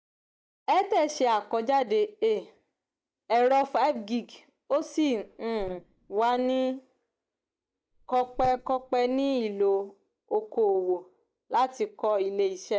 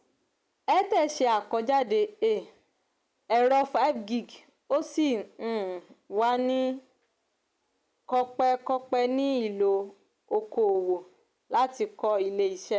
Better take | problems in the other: second | noise reduction (neural mask model DeepFilterNet 3)

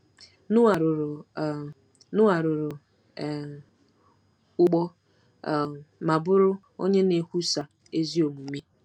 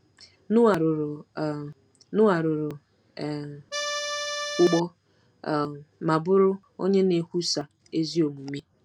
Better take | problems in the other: first | background sound (Accordion); 4 dB below the speech

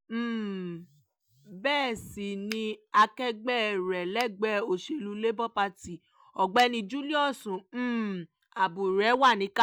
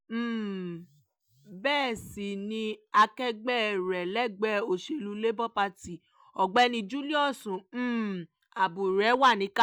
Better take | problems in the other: second | background sound (Finger snapping); 14 dB below the speech

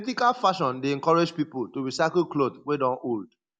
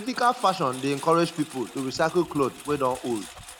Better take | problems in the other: first | background sound (Engine); 17 dB below the speech

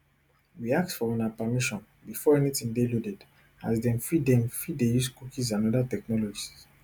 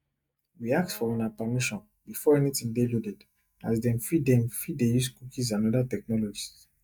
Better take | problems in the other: first | noise reduction (neural mask model DeepFilterNet 3)

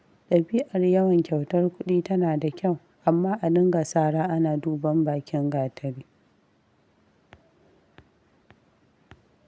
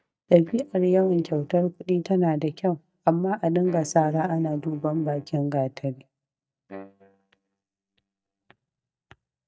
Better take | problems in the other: first | noise reduction (neural mask model DeepFilterNet 3)

